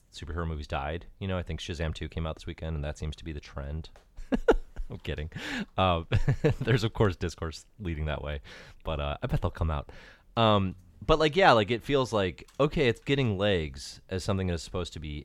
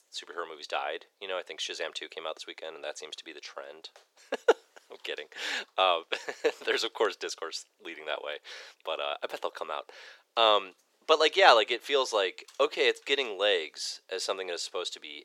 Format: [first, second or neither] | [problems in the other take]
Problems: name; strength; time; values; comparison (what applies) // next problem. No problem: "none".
first | thin; very; fading below 400 Hz